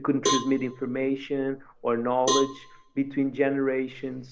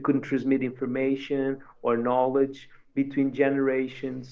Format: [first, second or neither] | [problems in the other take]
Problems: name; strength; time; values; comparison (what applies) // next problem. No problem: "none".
second | background sound (Cowbell); 6 dB below the speech